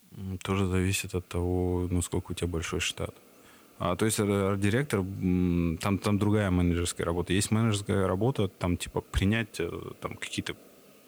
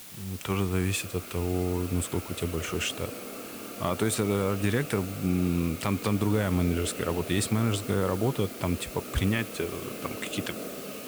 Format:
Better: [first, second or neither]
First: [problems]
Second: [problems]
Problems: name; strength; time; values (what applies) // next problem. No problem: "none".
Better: first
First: hiss; faint; throughout; 25 dB below the speech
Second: hiss; loud; throughout; 9 dB below the speech